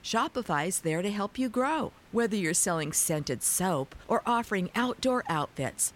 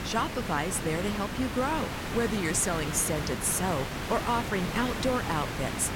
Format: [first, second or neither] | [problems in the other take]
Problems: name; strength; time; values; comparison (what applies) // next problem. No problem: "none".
first | hiss; loud; throughout; 4 dB below the speech; faint in the first